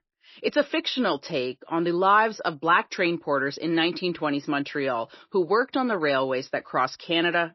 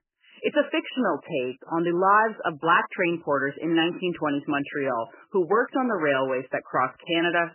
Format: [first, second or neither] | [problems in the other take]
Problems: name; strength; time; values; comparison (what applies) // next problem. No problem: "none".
first | garbled, watery; badly; nothing above 3 kHz; slightly in the first